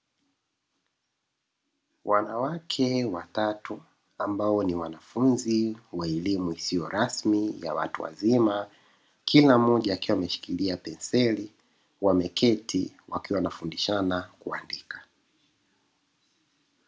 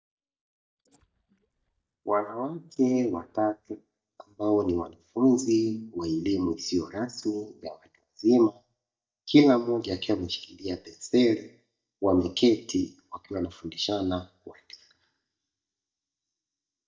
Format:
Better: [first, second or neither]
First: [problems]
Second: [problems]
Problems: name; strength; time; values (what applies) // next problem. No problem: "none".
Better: first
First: none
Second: noise reduction (neural mask model DeepFilterNet 3)